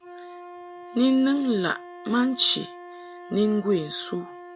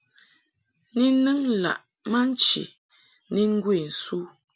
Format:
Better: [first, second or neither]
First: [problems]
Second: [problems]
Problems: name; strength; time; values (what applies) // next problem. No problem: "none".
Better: second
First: background sound (Wind instrument, woodwind instrument); 16 dB below the speech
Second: none